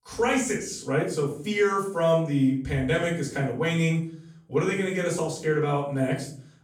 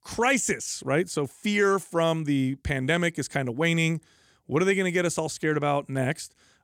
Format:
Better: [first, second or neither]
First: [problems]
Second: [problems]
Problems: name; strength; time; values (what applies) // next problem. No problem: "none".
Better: second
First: room echo; slight; dies away in 0.5 s // off-mic speech; far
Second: none